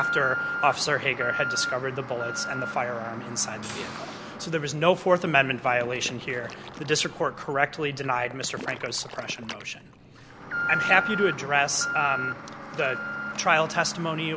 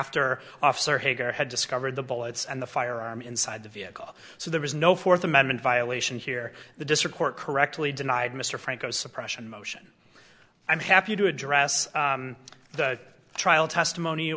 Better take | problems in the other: second | background sound (Alarm); 6 dB below the speech

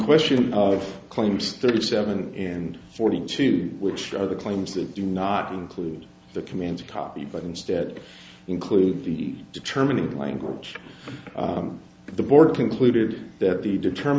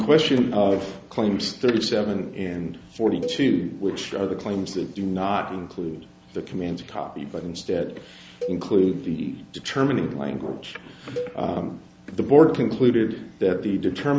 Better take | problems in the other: first | background sound (Cowbell); 14 dB below the speech

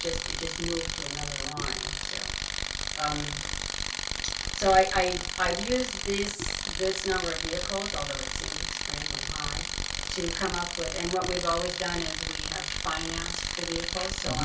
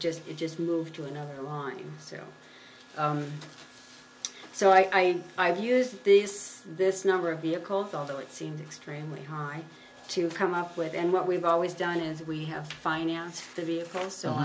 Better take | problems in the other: second | background sound (Tools); 1 dB below the speech // room echo; dies away in 0.2 s

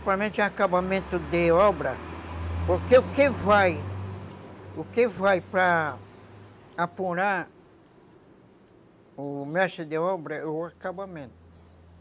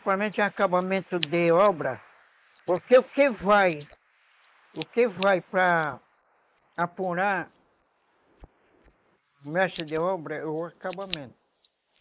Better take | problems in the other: first | noise reduction (neural mask model Resemble Enhance denoiser)

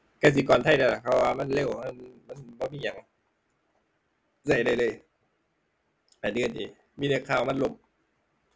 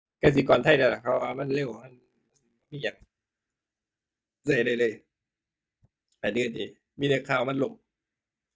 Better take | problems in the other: first | noise reduction (neural mask model DeepFilterNet 3)

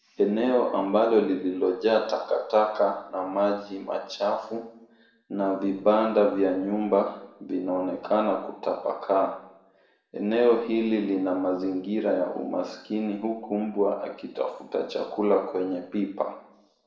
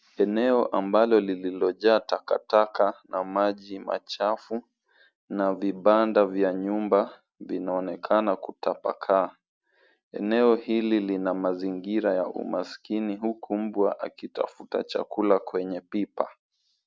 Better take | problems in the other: second | room echo; dies away in 0.7 s

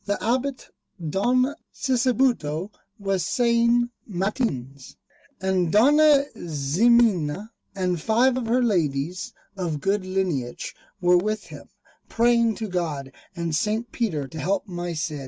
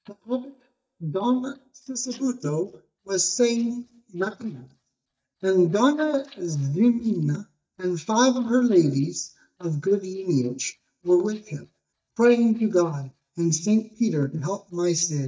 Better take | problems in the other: first | noise reduction (neural mask model DeepFilterNet 3)

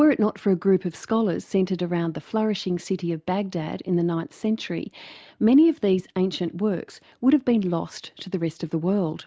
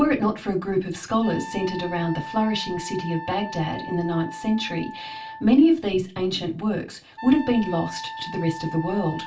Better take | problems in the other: first | background sound (Wind instrument, woodwind instrument); 13 dB below the speech // room echo; dies away in 0.2 s

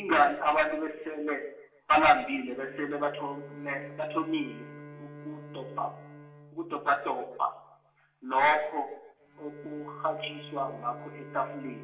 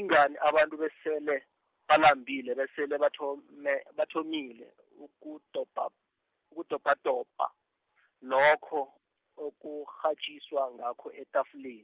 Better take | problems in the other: second | background sound (Bowed string instrument); 19 dB below the speech // room echo; dies away in 0.8 s

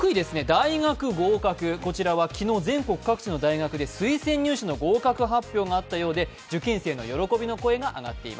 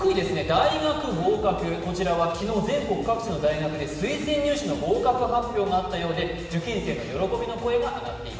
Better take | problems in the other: first | room echo; dies away in 1.7 s

